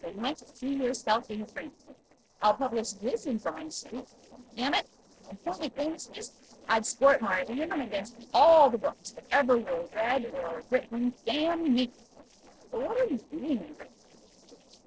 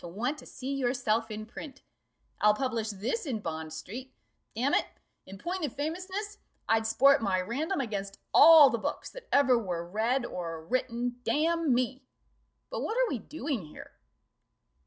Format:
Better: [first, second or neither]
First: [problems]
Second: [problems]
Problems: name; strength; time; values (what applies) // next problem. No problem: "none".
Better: second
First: noise reduction (neural separator model SepFormer DNS4)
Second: none